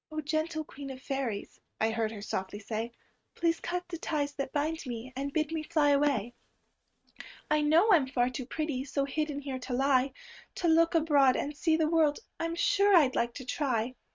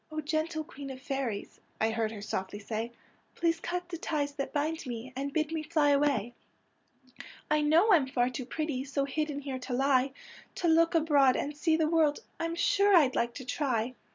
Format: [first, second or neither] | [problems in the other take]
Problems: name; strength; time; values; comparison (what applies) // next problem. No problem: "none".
second | noise reduction (neural mask model RNNoise)